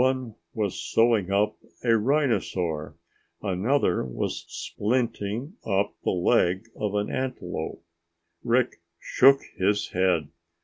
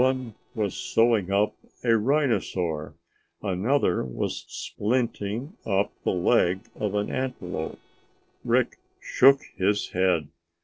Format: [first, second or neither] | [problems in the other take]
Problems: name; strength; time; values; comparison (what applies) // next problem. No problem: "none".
first | noise reduction (neural separator model SepFormer DNS4)